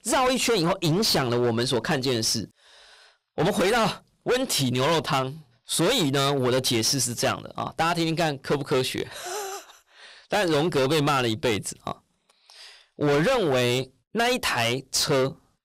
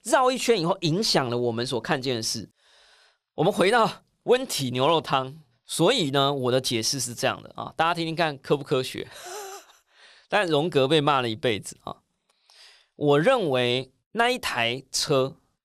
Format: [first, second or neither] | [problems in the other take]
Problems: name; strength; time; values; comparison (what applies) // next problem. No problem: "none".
second | distortion; heavy; 17% of the sound clipped